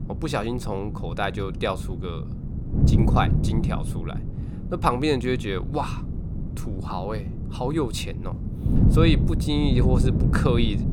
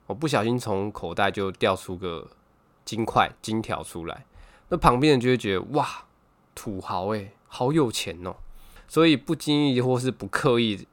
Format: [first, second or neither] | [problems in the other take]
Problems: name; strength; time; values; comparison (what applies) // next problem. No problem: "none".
second | wind noise on the microphone; heavy; 8 dB below the speech